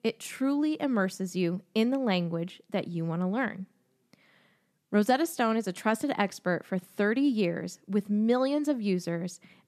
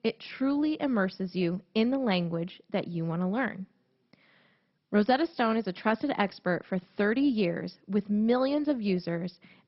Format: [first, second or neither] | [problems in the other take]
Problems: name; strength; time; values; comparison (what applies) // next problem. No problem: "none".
first | garbled, watery; badly; nothing above 5.5 kHz